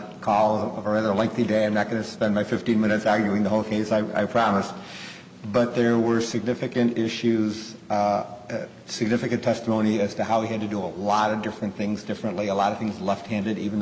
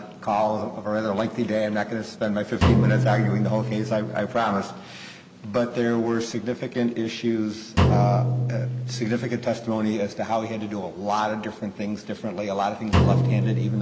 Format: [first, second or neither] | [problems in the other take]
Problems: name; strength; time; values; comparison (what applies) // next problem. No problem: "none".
first | background sound (Drum); 1 dB below the speech